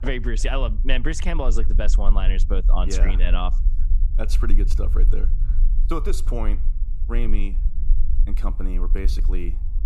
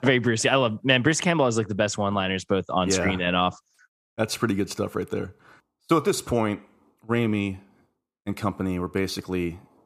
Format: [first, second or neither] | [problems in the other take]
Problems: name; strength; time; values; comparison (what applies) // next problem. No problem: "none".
second | low rumble; noticeable; throughout; 15 dB below the speech